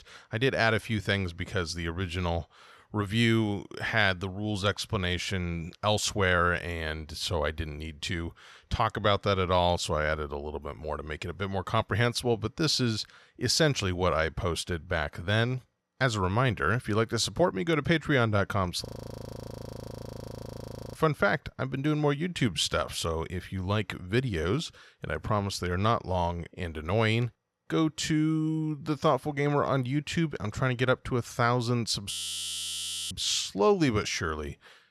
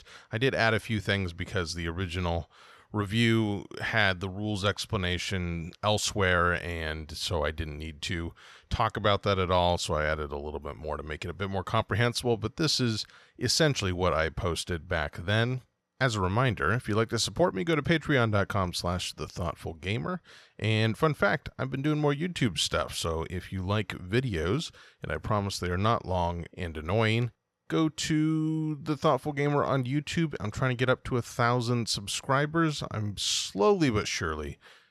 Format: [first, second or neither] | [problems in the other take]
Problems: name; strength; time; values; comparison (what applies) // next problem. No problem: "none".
second | audio freezing; at 19 s for 2 s and at 32 s for 1 s